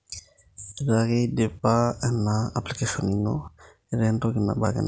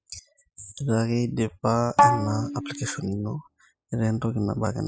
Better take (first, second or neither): first